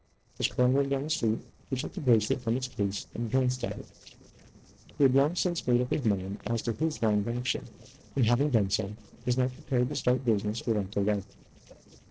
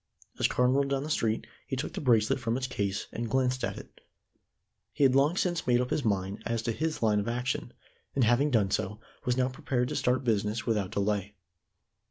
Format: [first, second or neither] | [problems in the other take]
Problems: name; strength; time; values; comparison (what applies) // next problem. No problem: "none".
second | noise reduction (neural separator model SepFormer DNS4)